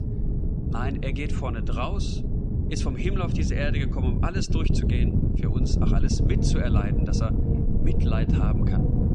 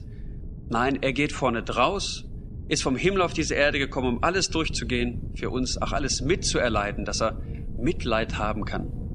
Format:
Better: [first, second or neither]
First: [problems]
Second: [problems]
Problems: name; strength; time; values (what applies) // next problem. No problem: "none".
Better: second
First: wind noise on the microphone; heavy; 1 dB below the speech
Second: wind noise on the microphone; occasional gusts; 20 dB below the speech